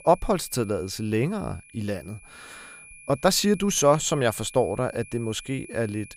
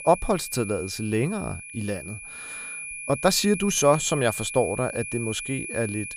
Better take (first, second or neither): first